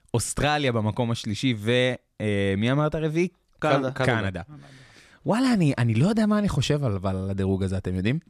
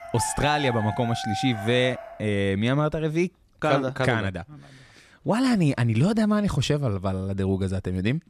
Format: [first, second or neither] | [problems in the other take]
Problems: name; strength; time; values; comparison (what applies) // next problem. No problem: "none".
first | animal sounds; loud; throughout; 9 dB below the speech